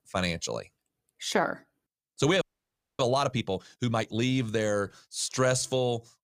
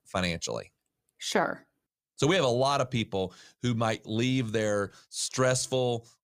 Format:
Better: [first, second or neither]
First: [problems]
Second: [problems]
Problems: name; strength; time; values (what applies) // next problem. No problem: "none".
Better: second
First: audio freezing; at 2.5 s for 0.5 s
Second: none